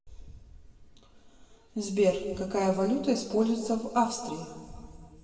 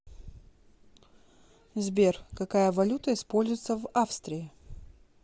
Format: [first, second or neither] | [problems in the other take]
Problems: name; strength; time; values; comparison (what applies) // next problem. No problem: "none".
second | room echo; dies away in 1.8 s